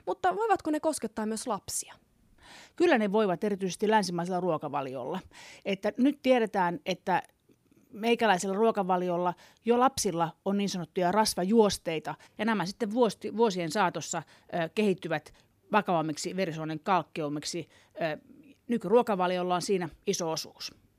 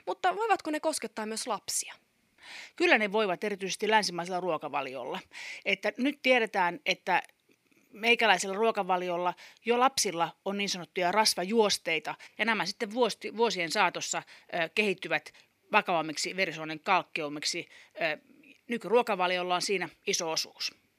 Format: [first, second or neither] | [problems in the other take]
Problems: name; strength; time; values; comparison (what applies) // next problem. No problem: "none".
first | thin; very slightly; fading below 850 Hz